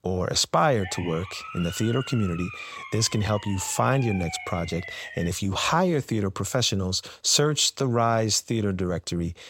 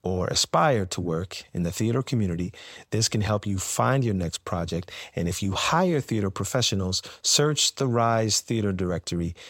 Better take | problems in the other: second | siren; faint; from 1 to 5.5 s; peak 10 dB below the speech

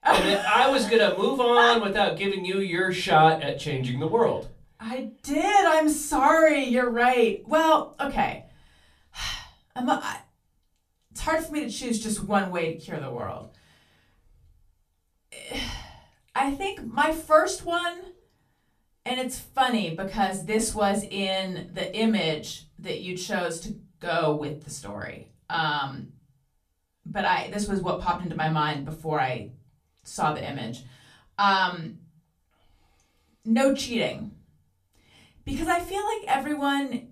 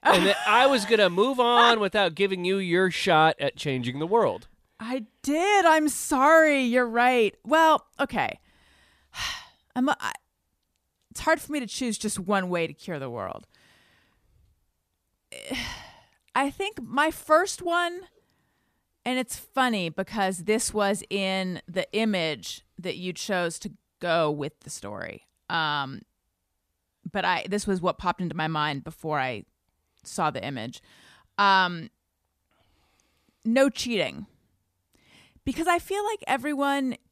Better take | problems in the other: second | off-mic speech; far // room echo; very slight; dies away in 0.3 s

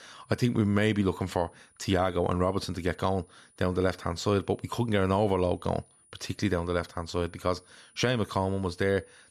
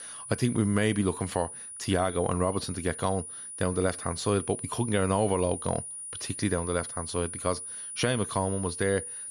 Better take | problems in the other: first | high-pitched whine; loud; throughout; 9.5 kHz, 8 dB below the speech; faint in the first

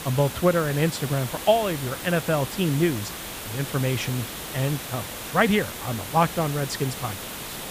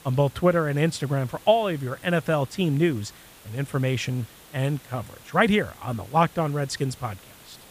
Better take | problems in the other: second | hiss; loud; throughout; 8 dB below the speech; faint in the second

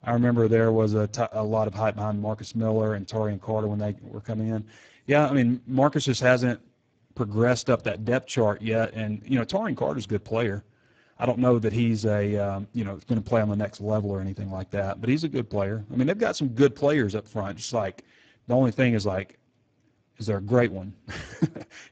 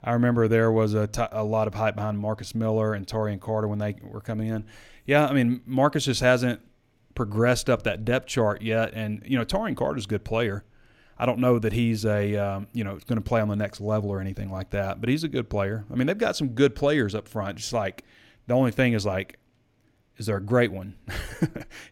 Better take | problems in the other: second | garbled, watery; badly; nothing above 7.5 kHz

